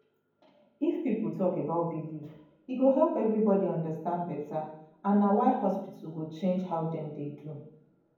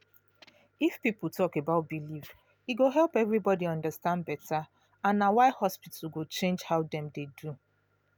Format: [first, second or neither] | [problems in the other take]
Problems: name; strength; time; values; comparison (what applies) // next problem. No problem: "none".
second | room echo; dies away in 1.2 s